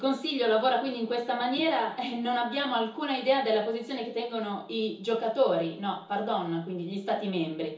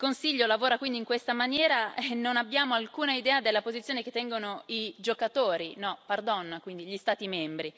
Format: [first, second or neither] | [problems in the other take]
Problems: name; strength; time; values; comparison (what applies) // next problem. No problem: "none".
second | room echo; dies away in 0.7 s